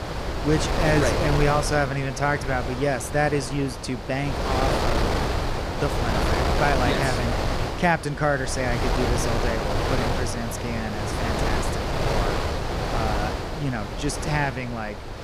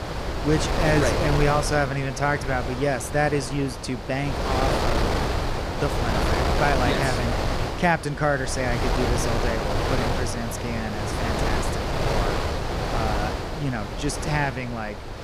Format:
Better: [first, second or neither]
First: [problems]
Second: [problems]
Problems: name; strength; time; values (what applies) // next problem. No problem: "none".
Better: neither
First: wind noise on the microphone; heavy; 1 dB below the speech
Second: wind noise on the microphone; heavy; 1 dB below the speech